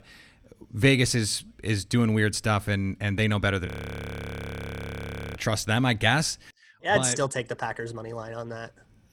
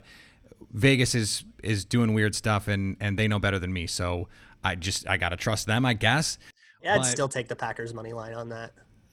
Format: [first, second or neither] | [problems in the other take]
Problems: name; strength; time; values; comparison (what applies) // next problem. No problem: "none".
second | audio freezing; at 3.5 s for 1.5 s